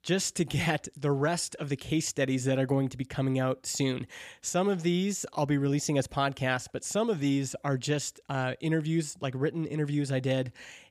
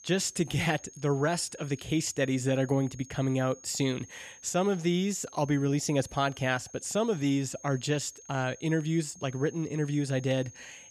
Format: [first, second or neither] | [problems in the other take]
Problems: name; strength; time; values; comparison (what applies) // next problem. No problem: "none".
first | high-pitched whine; noticeable; throughout; 6.5 kHz, 20 dB below the speech